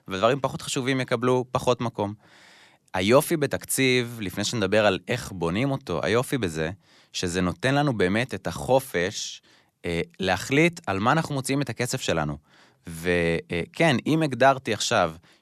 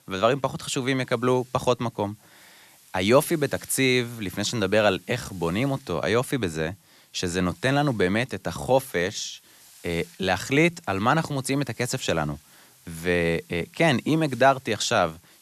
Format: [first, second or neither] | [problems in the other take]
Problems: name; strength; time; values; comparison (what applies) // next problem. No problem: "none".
first | hiss; faint; throughout; 25 dB below the speech